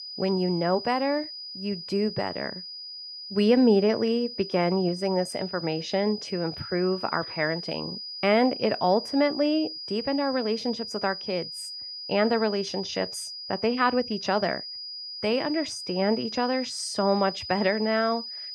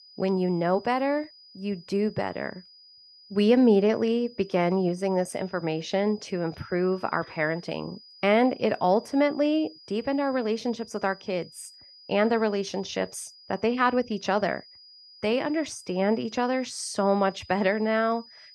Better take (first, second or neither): second